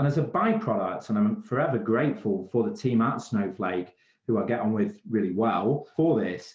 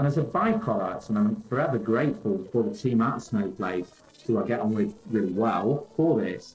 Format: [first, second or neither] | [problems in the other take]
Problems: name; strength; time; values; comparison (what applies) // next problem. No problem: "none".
first | noise reduction (neural separator model SepFormer DNS4)